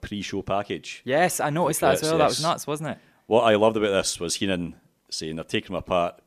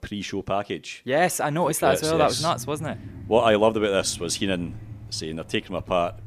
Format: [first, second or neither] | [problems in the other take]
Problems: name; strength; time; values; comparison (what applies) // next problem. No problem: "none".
first | traffic noise; noticeable; throughout; 20 dB below the speech